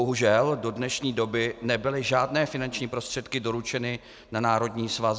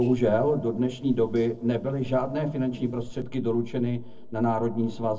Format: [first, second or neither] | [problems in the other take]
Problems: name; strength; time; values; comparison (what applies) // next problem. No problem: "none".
first | noise reduction (neural separator model SepFormer DNS4)